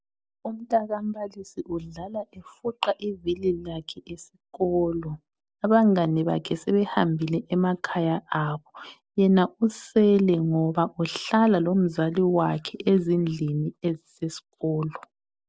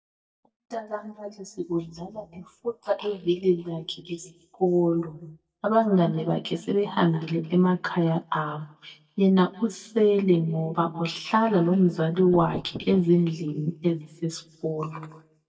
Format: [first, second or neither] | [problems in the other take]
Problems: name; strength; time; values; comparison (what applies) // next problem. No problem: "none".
first | noise reduction (neural mask model DeepFilterNet 3)